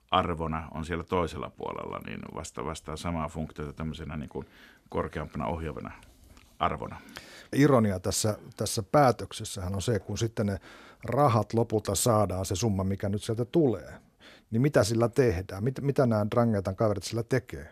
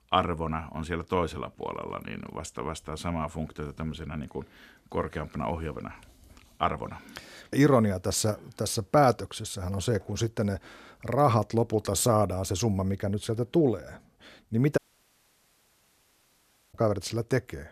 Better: first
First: none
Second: audio cutting out; at 15 s for 2 s

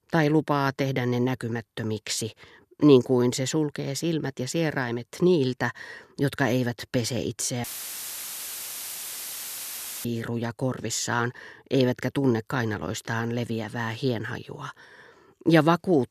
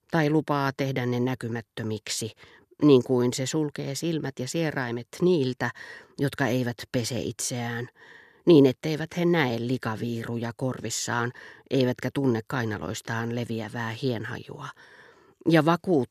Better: second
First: audio cutting out; filled with static; at 7.5 s for 2.5 s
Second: none

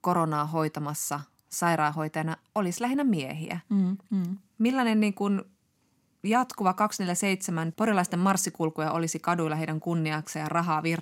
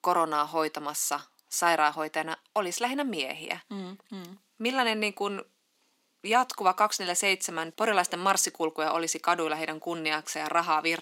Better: first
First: none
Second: thin; somewhat; fading below 350 Hz

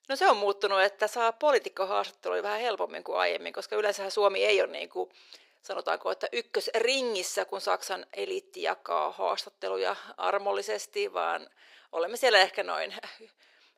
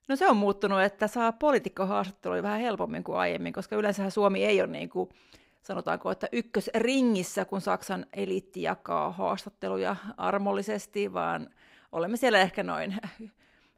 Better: second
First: thin; very; fading below 400 Hz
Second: none

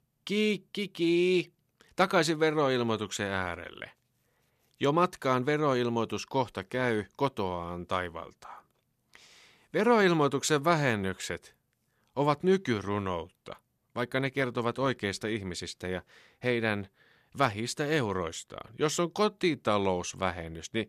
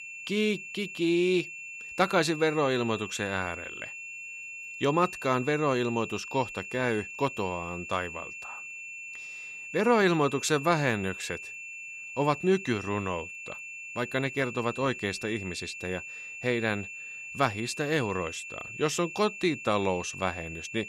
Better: first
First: none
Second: high-pitched whine; loud; throughout; 2.5 kHz, 10 dB below the speech

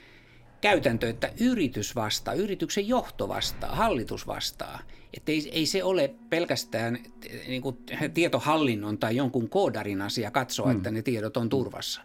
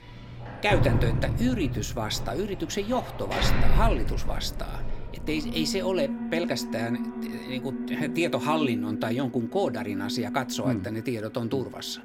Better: first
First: alarms or sirens; faint; throughout; 20 dB below the speech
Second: alarms or sirens; loud; throughout; 3 dB below the speech

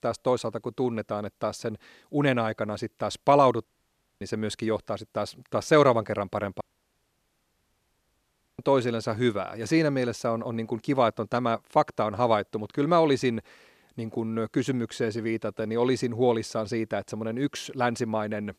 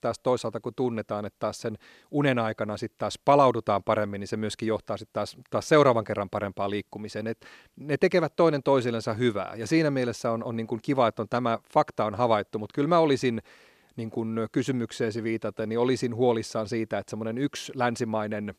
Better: second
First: audio cutting out; at 3.5 s for 0.5 s and at 6.5 s for 2 s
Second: none

